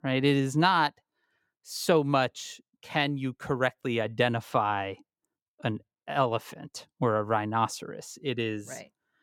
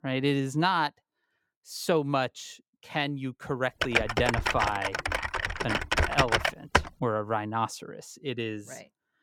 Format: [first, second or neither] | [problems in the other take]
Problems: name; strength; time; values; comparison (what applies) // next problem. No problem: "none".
first | keyboard typing; loud; from 4 to 7 s; peak 5 dB above the speech